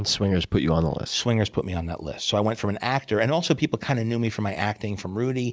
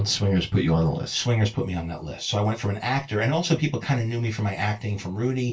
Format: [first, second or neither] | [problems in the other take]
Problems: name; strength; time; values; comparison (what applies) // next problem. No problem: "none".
first | room echo; dies away in 0.2 s